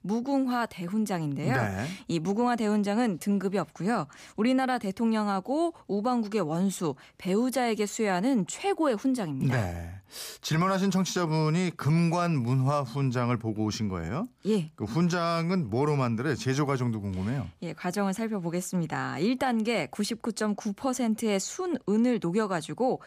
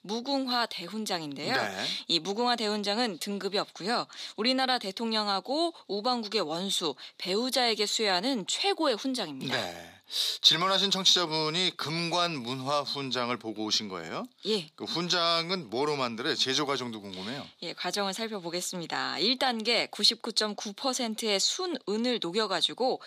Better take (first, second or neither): first